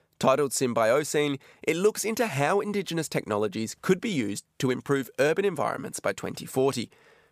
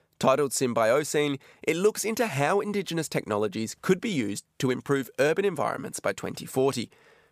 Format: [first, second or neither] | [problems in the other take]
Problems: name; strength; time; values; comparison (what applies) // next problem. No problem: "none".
neither | none